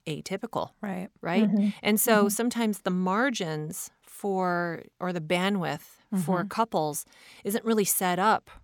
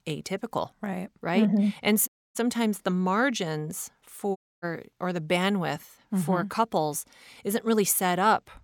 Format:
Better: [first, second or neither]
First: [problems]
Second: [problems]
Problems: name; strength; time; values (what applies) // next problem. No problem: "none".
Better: first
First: none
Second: audio cutting out; at 2 s and at 4.5 s